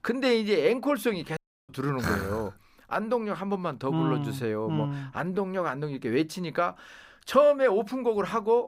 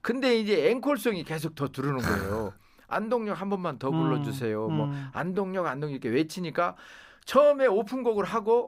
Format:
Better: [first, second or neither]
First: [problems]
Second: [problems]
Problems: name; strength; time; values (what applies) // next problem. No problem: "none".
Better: second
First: audio cutting out; at 1.5 s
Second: none